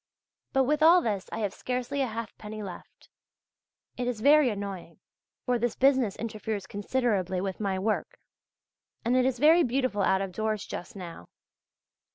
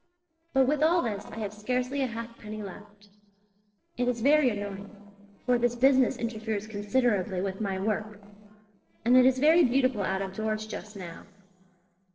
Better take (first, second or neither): first